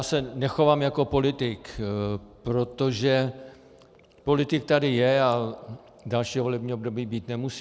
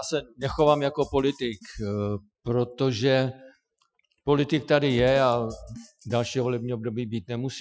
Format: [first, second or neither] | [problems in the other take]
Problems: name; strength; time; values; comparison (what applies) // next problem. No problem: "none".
first | noise reduction (classical method Wiener filter)